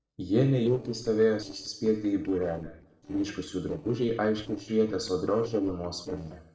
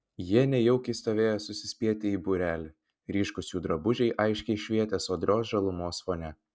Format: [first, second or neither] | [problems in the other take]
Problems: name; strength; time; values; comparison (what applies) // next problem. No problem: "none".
second | noise reduction (neural separator model SepFormer DNS4)